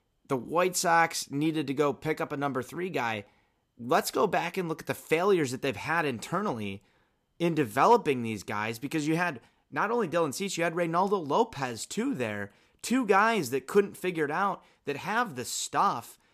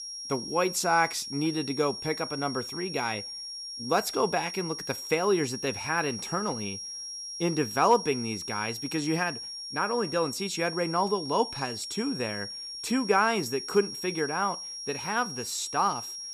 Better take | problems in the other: first | high-pitched whine; loud; throughout; 5.5 kHz, 7 dB below the speech

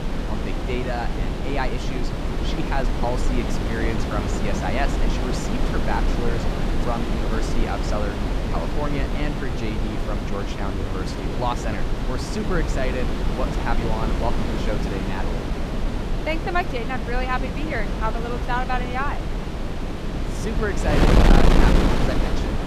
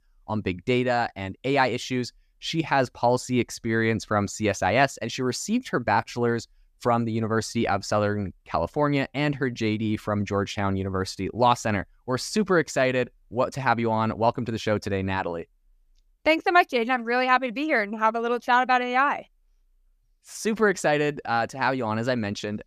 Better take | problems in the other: second | wind noise on the microphone; heavy; as loud as the speech

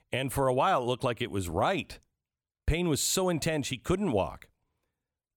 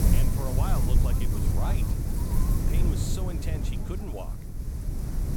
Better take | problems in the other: first | wind noise on the microphone; heavy; as loud as the speech

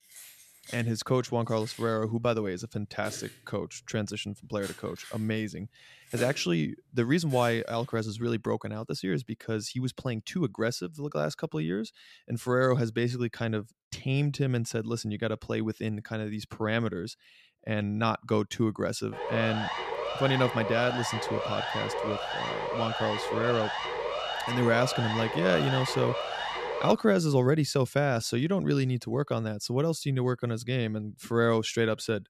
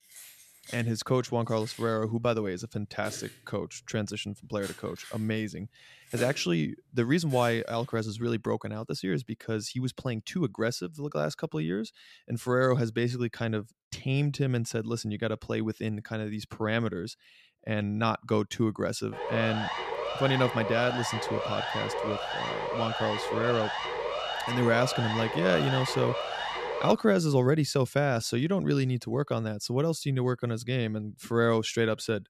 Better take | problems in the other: neither | jangling keys; noticeable; until 7.5 s; peak 10 dB below the speech; the same in both // siren; noticeable; from 19 to 27 s; peak 2 dB below the speech; the same in both

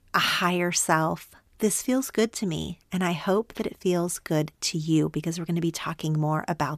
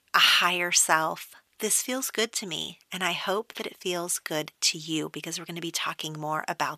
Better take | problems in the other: first | thin; somewhat; fading below 1 kHz

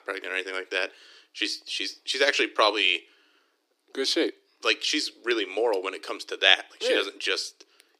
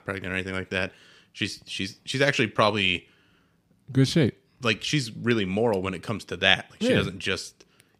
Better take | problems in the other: second | thin; very; fading below 300 Hz

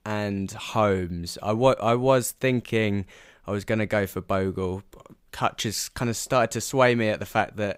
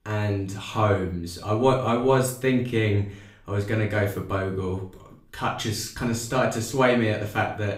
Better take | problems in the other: first | off-mic speech; far // room echo; slight; dies away in 0.4 s

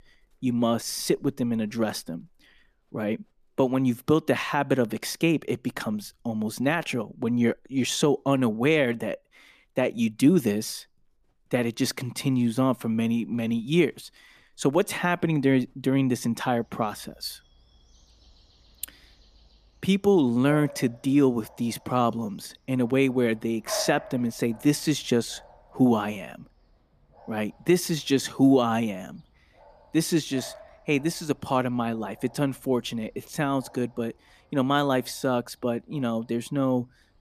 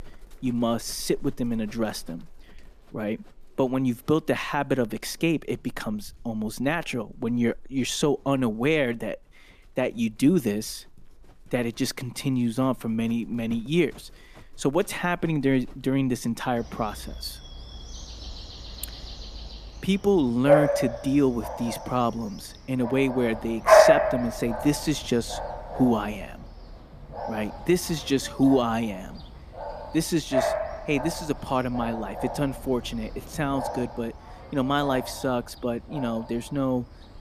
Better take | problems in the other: first | animal sounds; loud; throughout; 2 dB below the speech; faint in the first

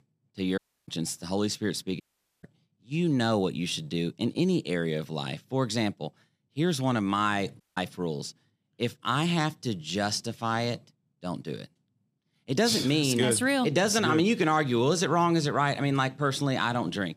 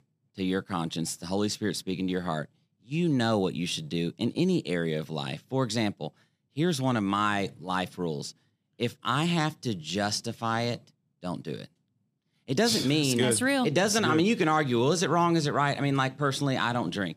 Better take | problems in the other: second | audio cutting out; at 0.5 s, at 2 s and at 7.5 s

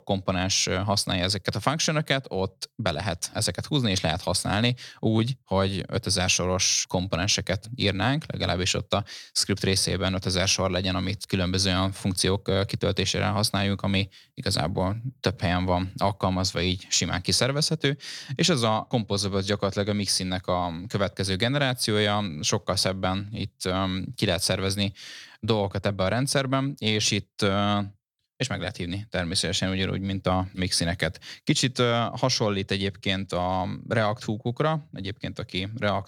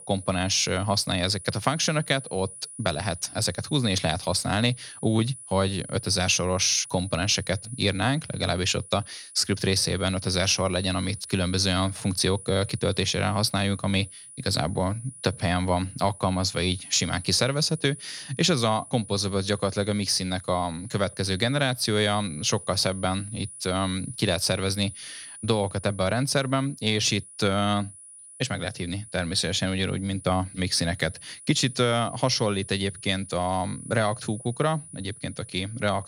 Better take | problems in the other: first | high-pitched whine; noticeable; throughout; 9.5 kHz, 15 dB below the speech

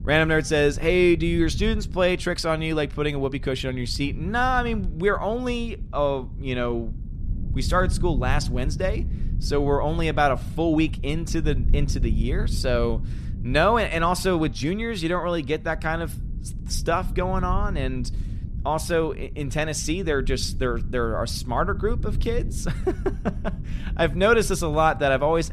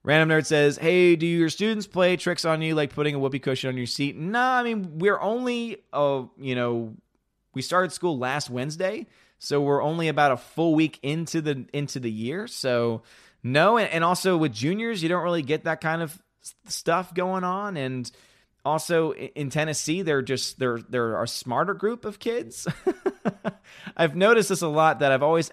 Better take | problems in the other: second | low rumble; faint; throughout; 20 dB below the speech

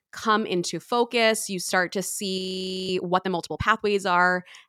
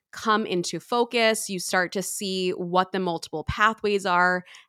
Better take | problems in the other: second | audio freezing; at 2.5 s for 0.5 s

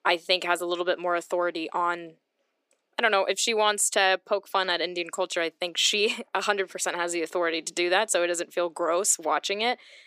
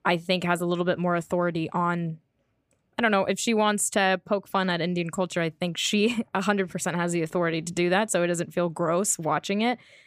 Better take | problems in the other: second | thin; very; fading below 350 Hz

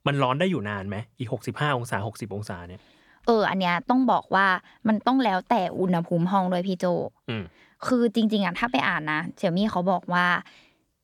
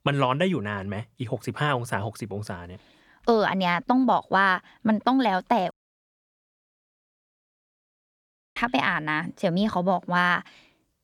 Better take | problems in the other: first | audio cutting out; at 5.5 s for 3 s

